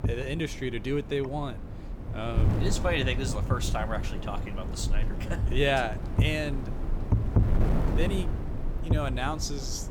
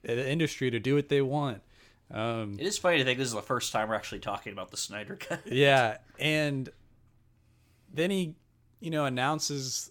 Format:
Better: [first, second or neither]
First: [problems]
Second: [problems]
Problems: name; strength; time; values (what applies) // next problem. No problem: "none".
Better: second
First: wind noise on the microphone; heavy; 8 dB below the speech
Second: none